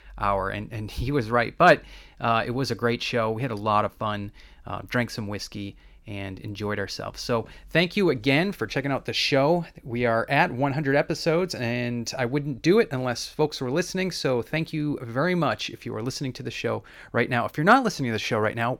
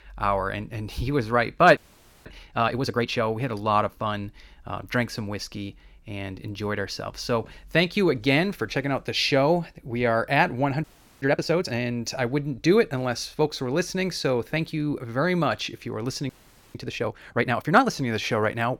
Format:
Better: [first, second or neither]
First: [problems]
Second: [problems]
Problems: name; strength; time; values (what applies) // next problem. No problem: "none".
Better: first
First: none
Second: audio freezing; at 2 s, at 11 s and at 16 s